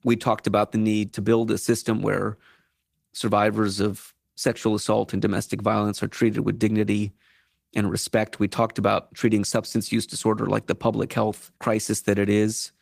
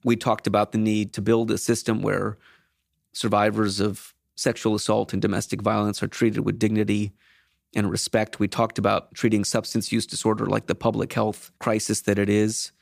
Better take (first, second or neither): second